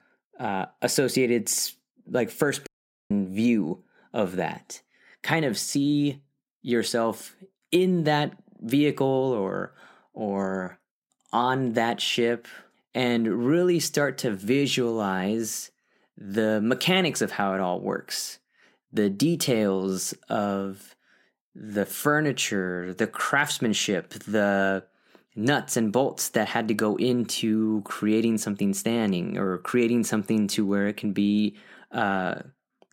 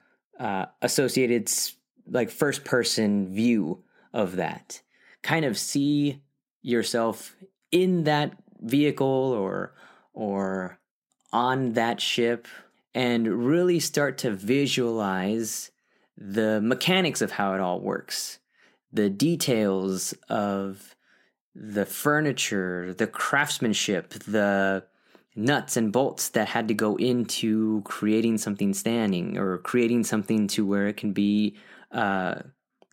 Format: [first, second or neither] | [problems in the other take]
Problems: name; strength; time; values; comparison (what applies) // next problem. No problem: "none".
second | audio cutting out; at 2.5 s